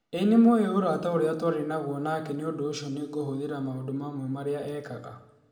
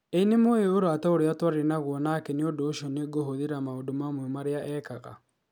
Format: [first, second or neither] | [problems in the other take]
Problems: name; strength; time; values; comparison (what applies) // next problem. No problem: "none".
second | room echo; dies away in 1 s